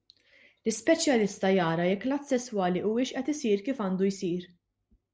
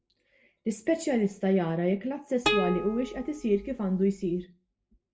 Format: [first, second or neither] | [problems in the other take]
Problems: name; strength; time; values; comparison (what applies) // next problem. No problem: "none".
first | background sound (Plucked string instrument); 4 dB below the speech // room echo; dies away in 0.2 s